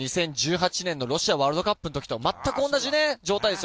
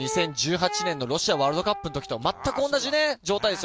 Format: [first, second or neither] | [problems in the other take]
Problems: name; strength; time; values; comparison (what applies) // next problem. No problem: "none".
first | background sound (Brass instrument); 12 dB below the speech